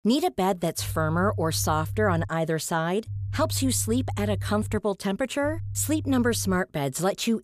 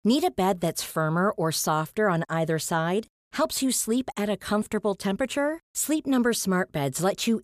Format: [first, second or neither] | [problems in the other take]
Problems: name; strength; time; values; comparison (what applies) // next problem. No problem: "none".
second | low rumble; faint; from 1 to 2.5 s, from 3 to 5 s and from 5.5 to 6.5 s; 20 dB below the speech